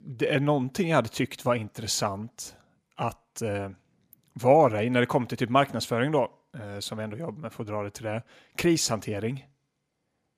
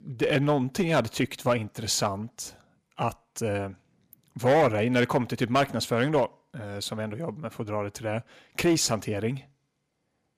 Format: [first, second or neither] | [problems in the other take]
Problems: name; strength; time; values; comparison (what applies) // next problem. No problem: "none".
first | distortion; slight; 3% of the sound clipped